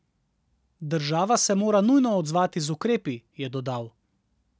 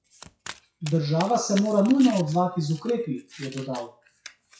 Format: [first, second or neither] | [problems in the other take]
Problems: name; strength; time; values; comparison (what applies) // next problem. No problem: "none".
first | noise reduction (classical method WPE with log-MMSE)